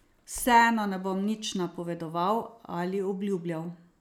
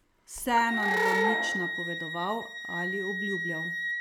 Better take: first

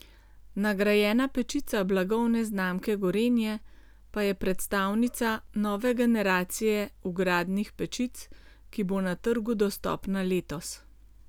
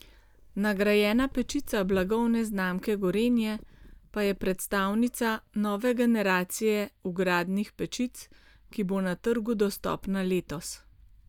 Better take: first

